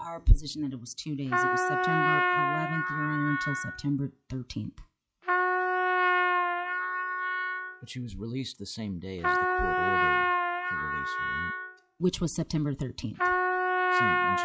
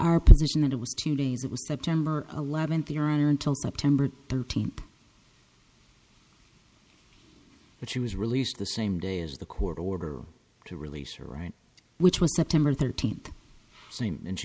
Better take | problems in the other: second | noise reduction (classical method log-MMSE)

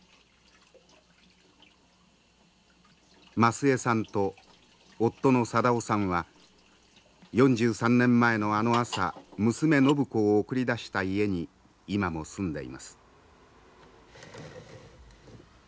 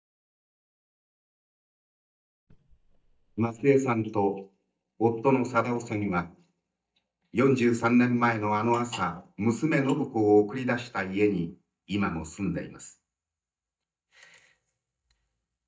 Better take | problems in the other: first | noise reduction (neural mask model DeepFilterNet 3)

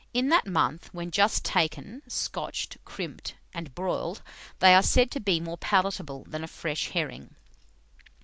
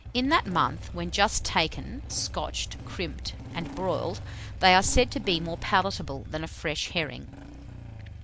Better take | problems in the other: first | background sound (Engine starting / Motorcycle); 11 dB below the speech

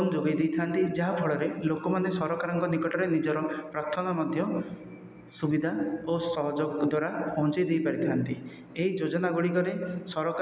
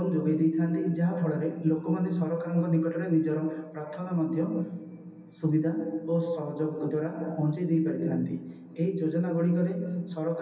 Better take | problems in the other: first | room echo; dies away in 0.3 s

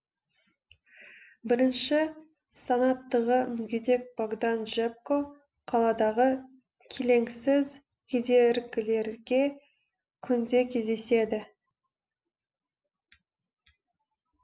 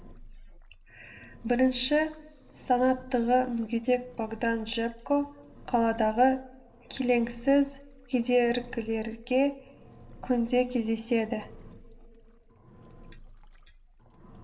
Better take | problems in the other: first | background sound (Engine); 19 dB below the speech // room echo; dies away in 0.6 s

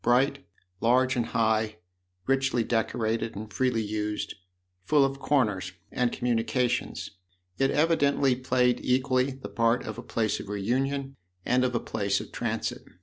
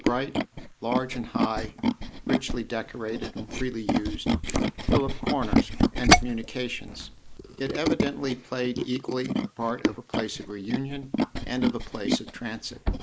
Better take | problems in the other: first | noise reduction (neural mask model Resemble Enhance denoiser)

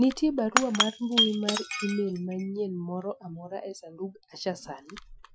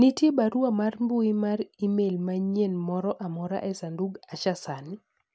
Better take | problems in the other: second | noise reduction (classical method Wiener filter)

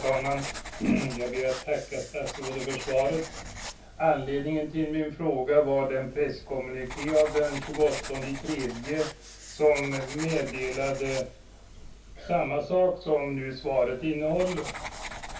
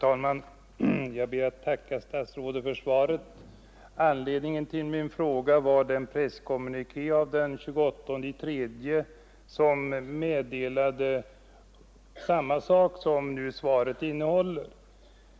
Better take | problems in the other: second | background sound (Writing); 13 dB below the speech // room echo; dies away in 0.2 s

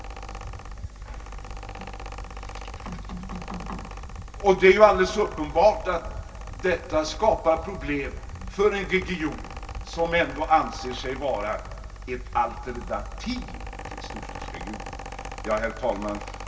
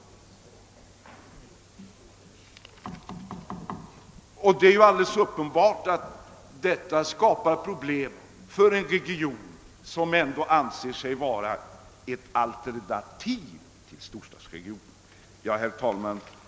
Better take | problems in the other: second | background sound (Mechanical fan); 10 dB below the speech // room echo; dies away in 0.2 s

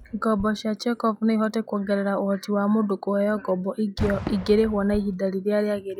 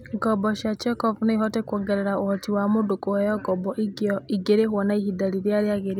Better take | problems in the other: second | noise reduction (classical method log-MMSE)

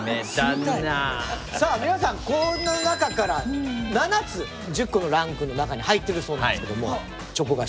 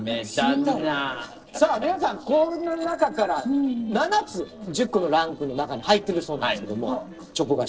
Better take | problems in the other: first | noise reduction (neural separator model SepFormer DNS4)

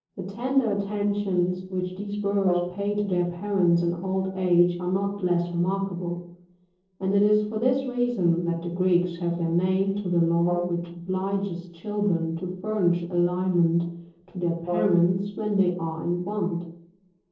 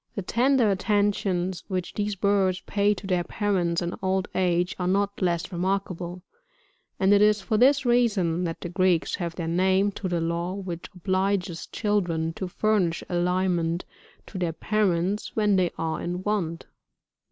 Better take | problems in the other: second | noise reduction (neural separator model SepFormer DNS4)

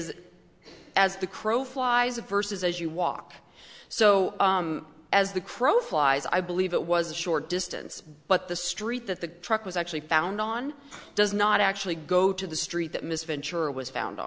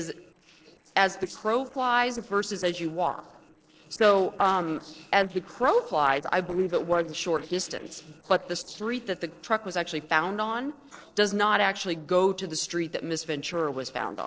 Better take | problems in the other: first | noise reduction (neural separator model SepFormer DNS4)

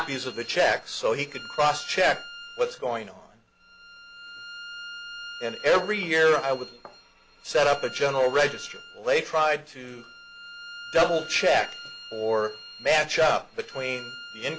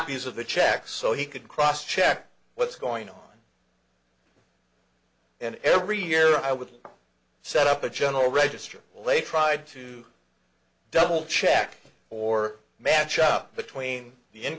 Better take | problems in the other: second | background sound (Bowed string instrument); 16 dB below the speech

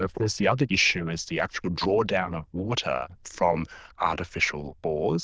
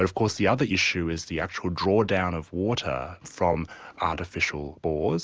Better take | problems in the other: second | noise reduction (neural diffusion model UNIVERSE++)

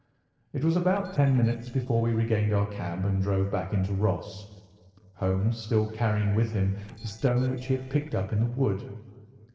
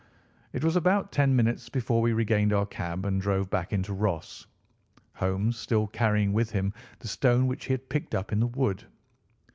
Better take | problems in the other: second | noise reduction (neural separator model SepFormer DNS4)

